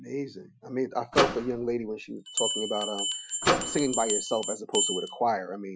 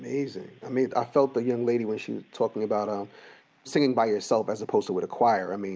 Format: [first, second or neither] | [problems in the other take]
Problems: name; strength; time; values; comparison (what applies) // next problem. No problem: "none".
second | noise reduction (classical method Wiener filter)